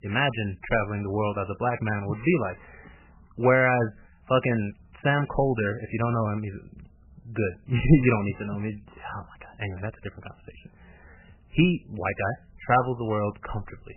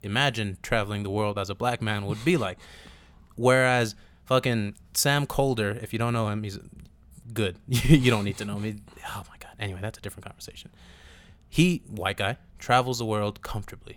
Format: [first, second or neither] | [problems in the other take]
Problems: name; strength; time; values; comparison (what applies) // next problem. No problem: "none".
second | garbled, watery; badly; nothing above 3 kHz